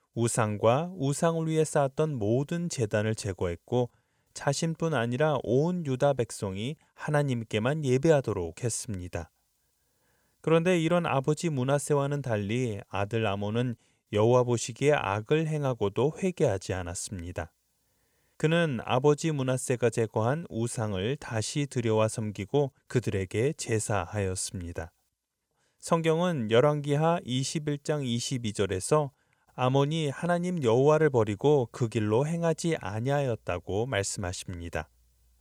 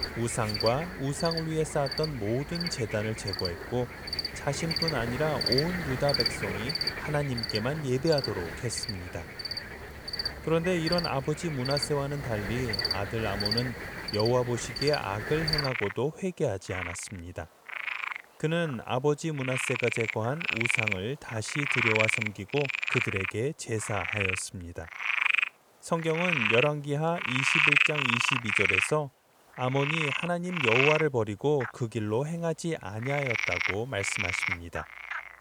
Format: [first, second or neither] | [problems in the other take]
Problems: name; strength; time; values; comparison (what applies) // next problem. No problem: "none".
first | animal sounds; very loud; throughout; 1 dB above the speech